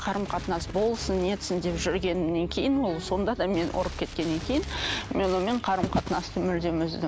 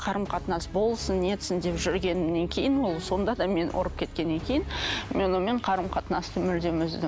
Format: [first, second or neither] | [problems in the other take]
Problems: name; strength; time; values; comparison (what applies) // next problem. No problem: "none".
second | background sound (Crumpling, crinkling); 14 dB below the speech